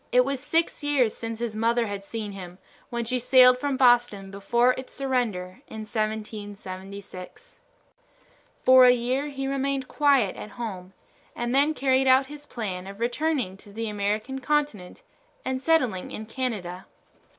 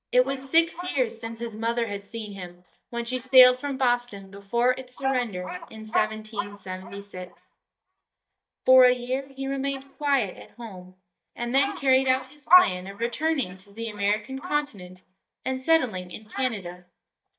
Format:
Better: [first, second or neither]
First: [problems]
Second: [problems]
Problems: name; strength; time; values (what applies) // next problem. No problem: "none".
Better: first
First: none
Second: noise reduction (neural mask model DeepFilterNet 3)